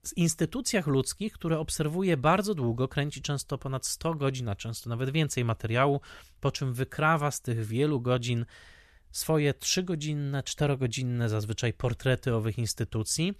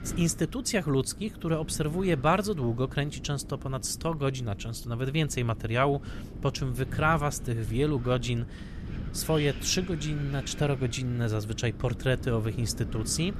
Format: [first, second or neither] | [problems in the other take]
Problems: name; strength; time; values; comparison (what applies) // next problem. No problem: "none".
first | wind noise on the microphone; occasional gusts; 15 dB below the speech